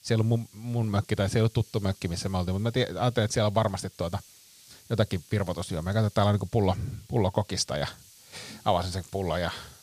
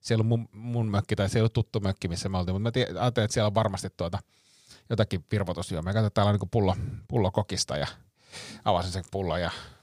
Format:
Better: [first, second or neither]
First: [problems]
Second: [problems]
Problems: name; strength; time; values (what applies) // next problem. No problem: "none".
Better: second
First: hiss; faint; throughout; 25 dB below the speech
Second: none